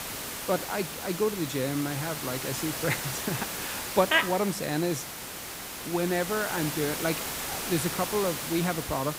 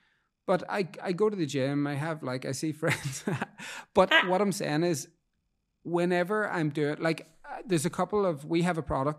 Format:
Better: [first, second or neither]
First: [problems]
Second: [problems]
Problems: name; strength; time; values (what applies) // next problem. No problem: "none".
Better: second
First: hiss; loud; throughout; 4 dB below the speech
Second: none